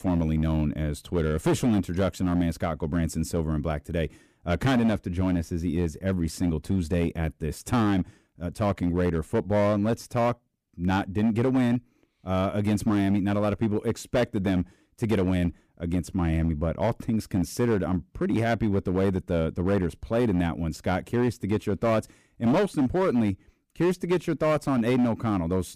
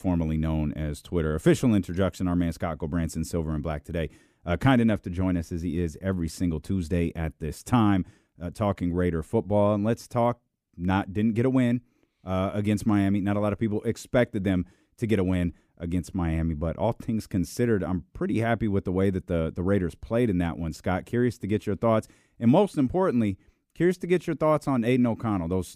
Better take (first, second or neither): second